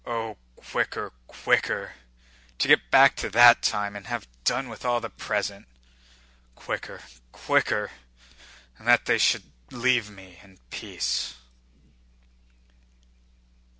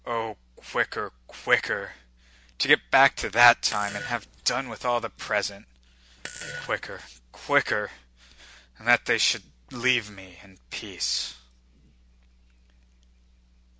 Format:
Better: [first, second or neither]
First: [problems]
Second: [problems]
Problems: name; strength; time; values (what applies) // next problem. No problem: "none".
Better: first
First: none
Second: background sound (Fart); 11 dB below the speech